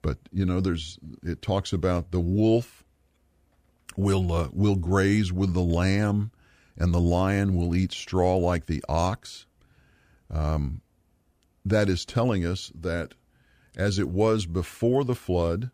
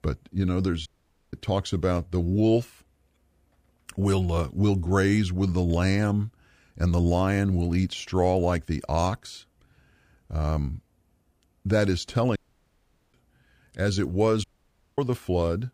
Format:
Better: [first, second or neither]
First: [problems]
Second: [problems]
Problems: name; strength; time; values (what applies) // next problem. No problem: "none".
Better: first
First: none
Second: audio cutting out; at 1 s, at 12 s for 1 s and at 14 s for 0.5 s